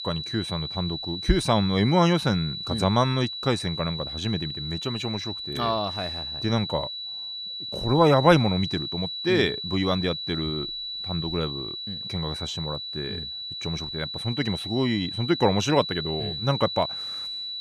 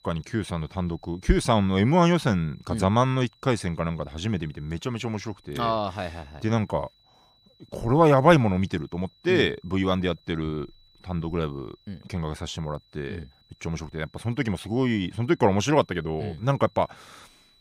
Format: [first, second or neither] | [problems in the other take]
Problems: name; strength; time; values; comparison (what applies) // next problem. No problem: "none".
second | high-pitched whine; loud; throughout; 4 kHz, 5 dB below the speech; faint in the second